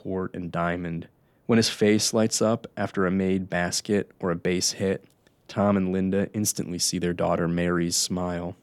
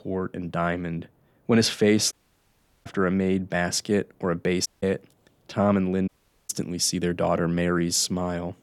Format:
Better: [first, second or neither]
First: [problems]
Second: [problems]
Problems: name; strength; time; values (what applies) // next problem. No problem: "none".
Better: first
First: none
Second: audio cutting out; at 2 s for 0.5 s, at 4.5 s and at 6 s